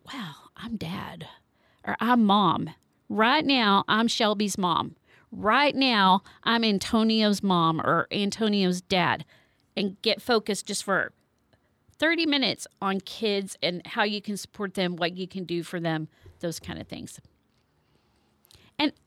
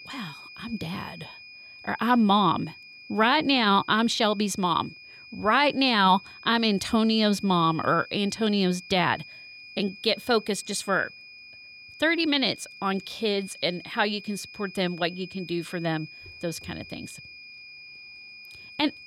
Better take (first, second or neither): first